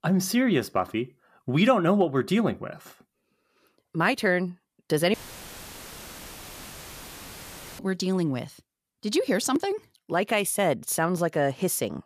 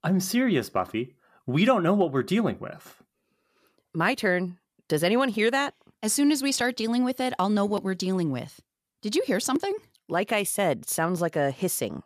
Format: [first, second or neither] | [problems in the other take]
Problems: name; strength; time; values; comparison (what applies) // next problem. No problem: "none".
second | audio cutting out; filled with static; at 5 s for 2.5 s